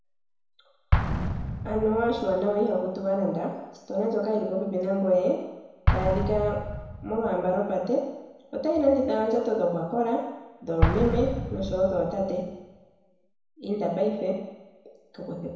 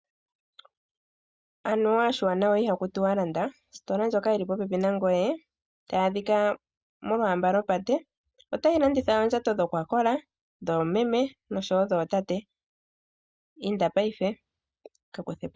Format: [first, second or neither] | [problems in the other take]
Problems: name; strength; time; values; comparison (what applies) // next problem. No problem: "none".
second | background sound (Explosion); 5 dB below the speech // room echo; dies away in 0.9 s